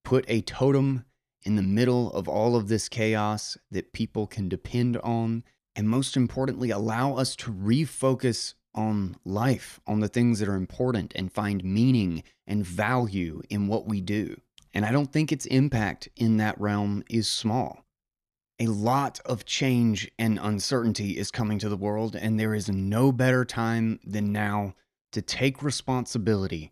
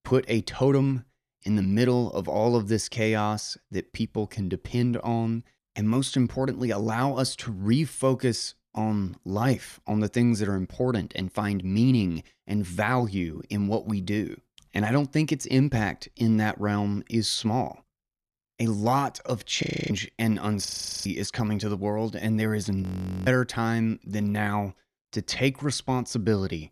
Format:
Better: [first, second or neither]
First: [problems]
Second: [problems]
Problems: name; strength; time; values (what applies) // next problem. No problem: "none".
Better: first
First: none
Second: audio freezing; at 20 s, at 21 s and at 23 s